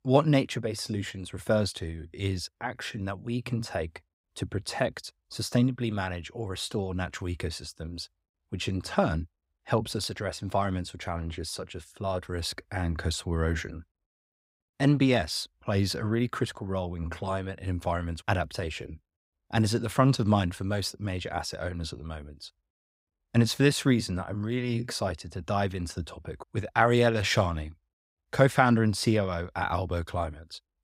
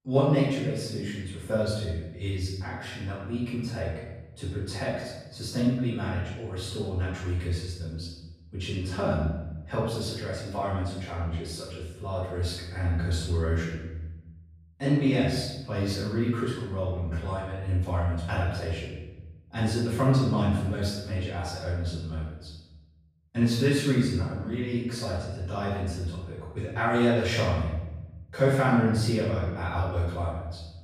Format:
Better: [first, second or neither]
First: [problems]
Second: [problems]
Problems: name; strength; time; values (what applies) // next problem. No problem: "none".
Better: first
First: none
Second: room echo; strong; dies away in 1 s // off-mic speech; far